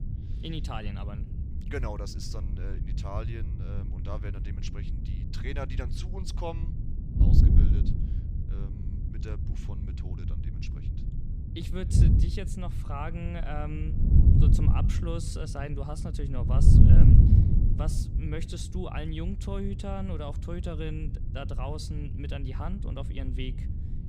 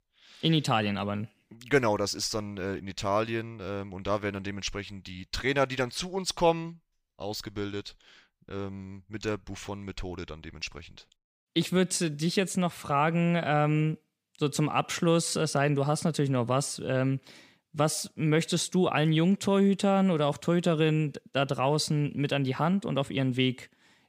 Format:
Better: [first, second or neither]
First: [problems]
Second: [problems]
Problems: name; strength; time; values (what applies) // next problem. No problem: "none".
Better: second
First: wind noise on the microphone; heavy; 1 dB below the speech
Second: none